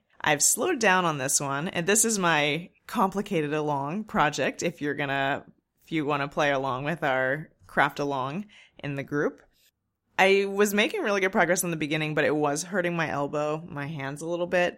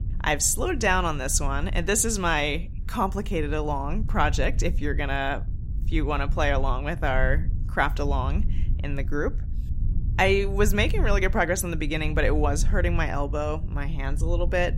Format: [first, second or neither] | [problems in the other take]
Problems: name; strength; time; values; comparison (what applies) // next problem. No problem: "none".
first | low rumble; faint; throughout; 20 dB below the speech